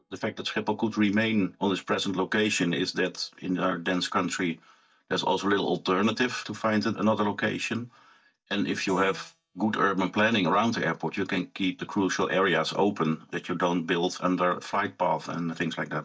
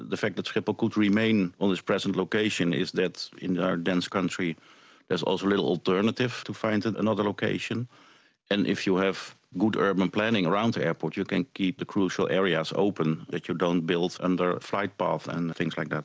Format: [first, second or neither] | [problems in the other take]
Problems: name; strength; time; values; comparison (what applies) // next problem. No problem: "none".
second | noise reduction (neural mask model DeepFilterNet 3)